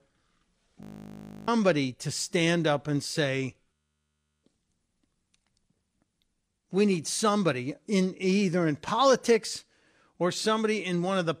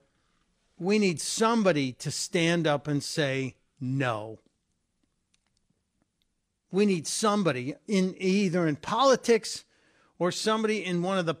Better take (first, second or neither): second